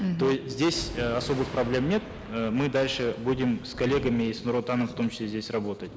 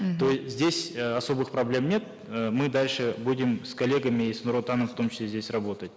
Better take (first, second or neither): second